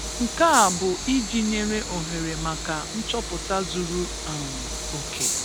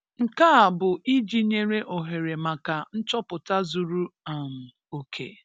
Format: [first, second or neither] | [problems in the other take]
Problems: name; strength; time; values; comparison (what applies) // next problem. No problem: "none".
second | background sound (Train); 5 dB below the speech